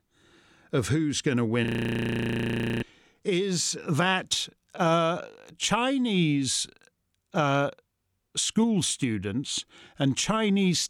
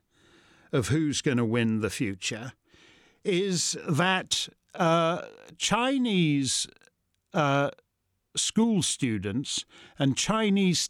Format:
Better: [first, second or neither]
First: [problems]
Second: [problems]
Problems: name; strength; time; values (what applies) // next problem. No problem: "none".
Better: second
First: audio freezing; at 1.5 s for 1 s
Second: none